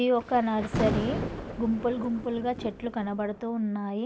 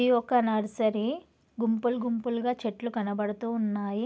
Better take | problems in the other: second | background sound (Thunder); 7 dB below the speech

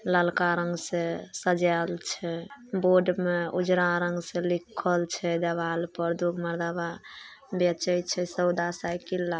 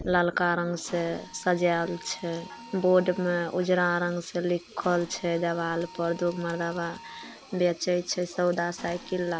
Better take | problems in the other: first | background sound (Mechanisms + Sink (filling or washing)); 19 dB below the speech

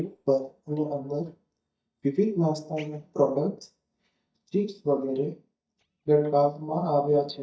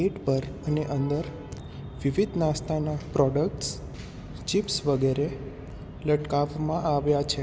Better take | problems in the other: second | noise reduction (neural mask model DeepFilterNet 3)

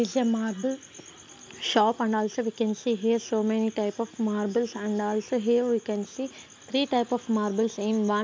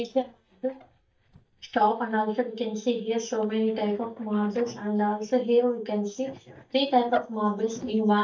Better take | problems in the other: first | noise reduction (neural mask model DeepFilterNet 3)

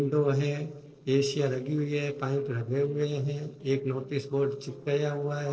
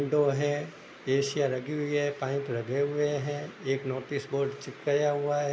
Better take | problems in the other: second | noise reduction (neural separator model SepFormer DNS4)

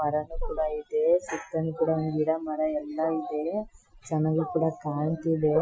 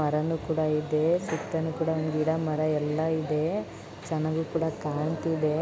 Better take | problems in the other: second | noise reduction (classical method Wiener filter)

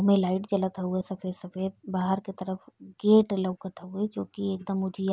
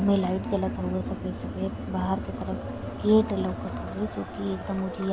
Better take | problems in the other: first | background sound (Crowd); 6 dB below the speech

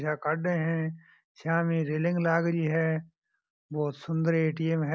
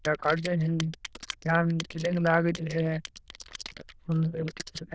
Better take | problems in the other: first | noise reduction (neural diffusion model UNIVERSE++)

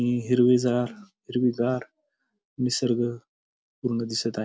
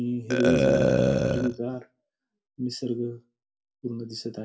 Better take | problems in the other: first | background sound (Burping, eructation); 4 dB above the speech // room echo; dies away in 0.2 s

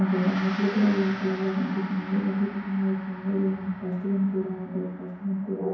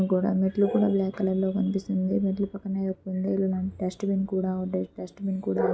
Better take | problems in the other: second | background sound (Gong); 14 dB below the speech // room echo; dies away in 0.9 s

